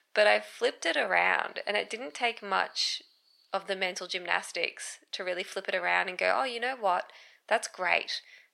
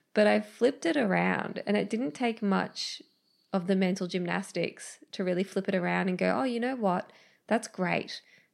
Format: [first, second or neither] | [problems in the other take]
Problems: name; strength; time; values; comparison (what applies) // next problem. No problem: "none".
second | thin; very; fading below 750 Hz